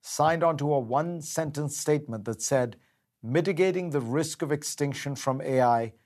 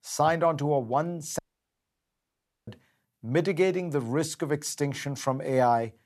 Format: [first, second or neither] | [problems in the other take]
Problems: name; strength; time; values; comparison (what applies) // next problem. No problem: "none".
first | audio cutting out; at 1.5 s for 1.5 s